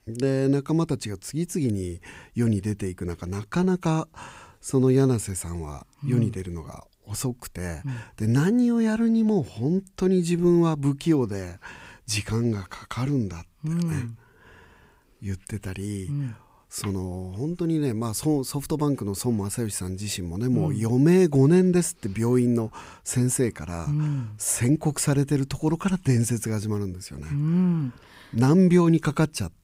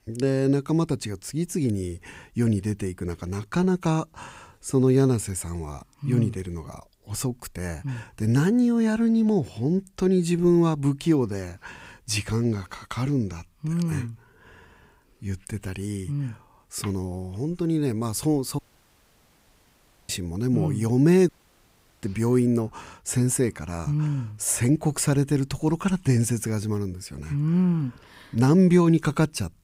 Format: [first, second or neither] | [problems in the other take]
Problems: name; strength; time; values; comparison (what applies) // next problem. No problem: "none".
first | audio cutting out; at 19 s for 1.5 s and at 21 s for 0.5 s